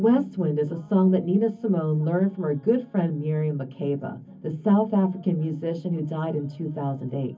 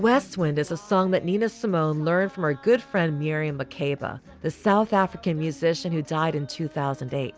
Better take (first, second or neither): second